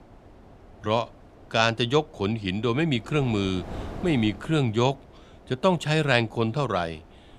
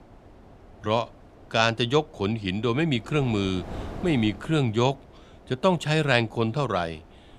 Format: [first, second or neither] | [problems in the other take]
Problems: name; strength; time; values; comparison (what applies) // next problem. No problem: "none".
neither | wind noise on the microphone; occasional gusts; 20 dB below the speech; the same in both